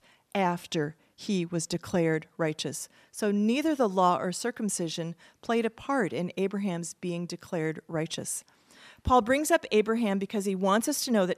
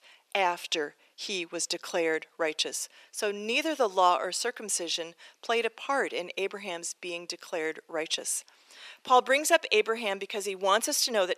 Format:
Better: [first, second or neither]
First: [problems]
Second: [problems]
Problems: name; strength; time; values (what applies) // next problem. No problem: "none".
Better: first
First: none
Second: thin; very; fading below 400 Hz